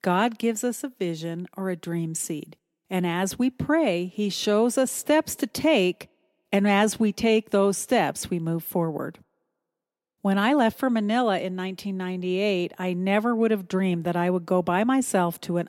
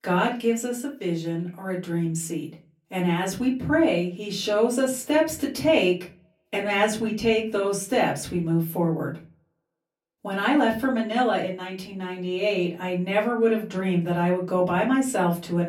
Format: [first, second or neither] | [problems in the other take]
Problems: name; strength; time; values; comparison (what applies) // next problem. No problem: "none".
first | off-mic speech; far // room echo; very slight; dies away in 0.3 s